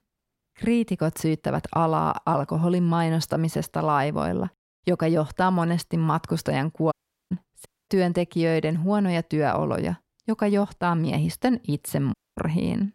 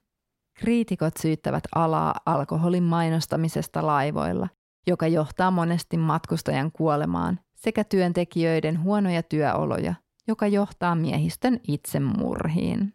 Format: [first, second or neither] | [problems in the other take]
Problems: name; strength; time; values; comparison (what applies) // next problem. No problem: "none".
second | audio cutting out; at 7 s, at 7.5 s and at 12 s